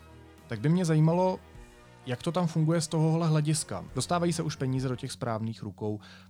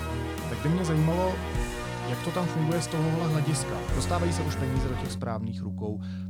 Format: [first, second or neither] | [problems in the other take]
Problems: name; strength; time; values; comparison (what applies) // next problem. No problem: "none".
first | background music; loud; throughout; 3 dB below the speech; faint in the first